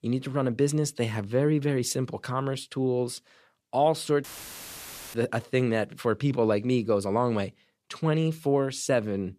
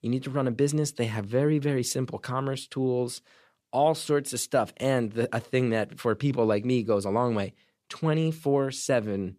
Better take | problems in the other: second | audio cutting out; filled with static; at 4 s for 1 s

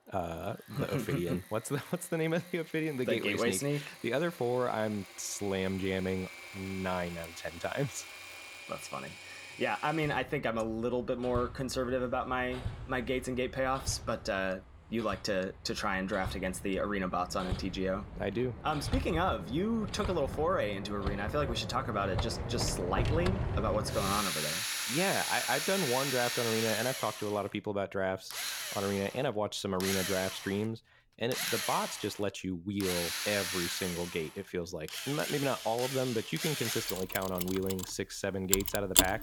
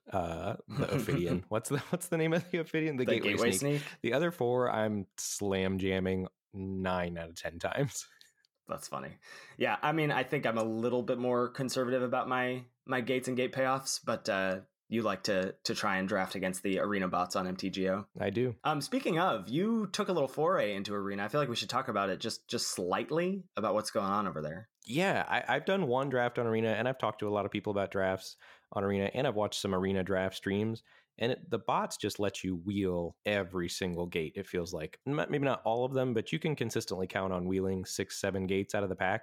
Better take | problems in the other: second | machinery noise; loud; throughout; 2 dB below the speech

